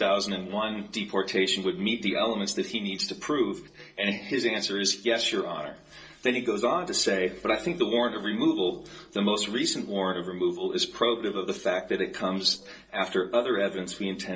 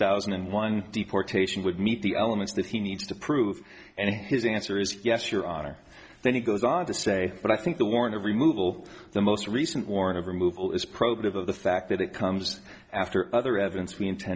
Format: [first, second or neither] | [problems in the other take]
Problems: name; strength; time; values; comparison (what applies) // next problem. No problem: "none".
second | noise reduction (neural separator model SepFormer DNS4)